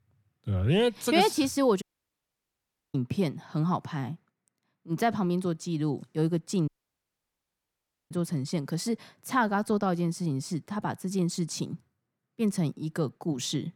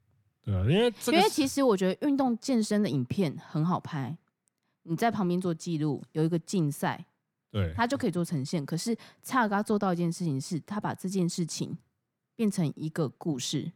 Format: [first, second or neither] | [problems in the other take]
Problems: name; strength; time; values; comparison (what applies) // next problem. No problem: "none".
second | audio cutting out; at 2 s for 1 s and at 6.5 s for 1.5 s